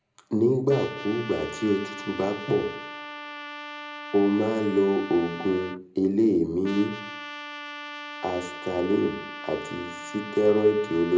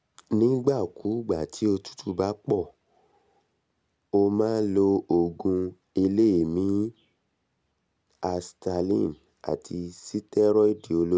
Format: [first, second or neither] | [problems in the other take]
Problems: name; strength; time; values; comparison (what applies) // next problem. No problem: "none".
second | background sound (Trumpet); 13 dB below the speech // room echo; dies away in 0.5 s